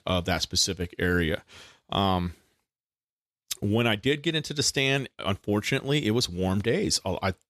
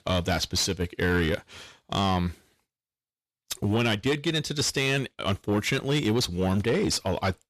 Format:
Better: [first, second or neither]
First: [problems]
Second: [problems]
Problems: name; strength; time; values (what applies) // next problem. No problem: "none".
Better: first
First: none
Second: distortion; slight; 10 dB below the speech